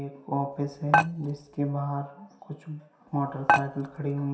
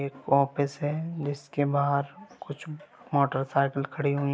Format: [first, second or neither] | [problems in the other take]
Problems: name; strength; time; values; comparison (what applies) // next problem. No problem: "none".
second | background sound (Dishes, pots, and pans); 3 dB above the speech // room echo; dies away in 0.7 s